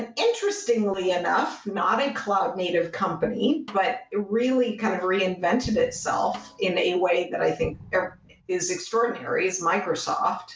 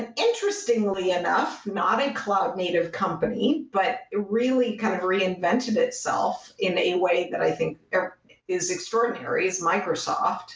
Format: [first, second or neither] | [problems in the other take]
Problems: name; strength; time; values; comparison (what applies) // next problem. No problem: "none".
second | background sound (Explosion + Snare drum); 19 dB below the speech